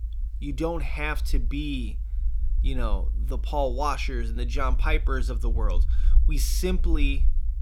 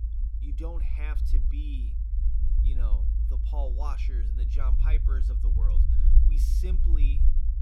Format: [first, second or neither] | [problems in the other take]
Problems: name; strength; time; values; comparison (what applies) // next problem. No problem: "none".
first | low rumble; loud; throughout; 3 dB below the speech; faint in the first